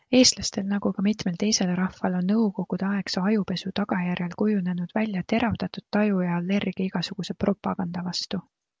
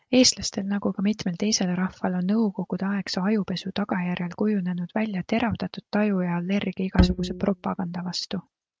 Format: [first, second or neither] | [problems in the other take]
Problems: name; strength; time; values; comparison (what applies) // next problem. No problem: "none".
first | noise reduction (neural mask model RNNoise)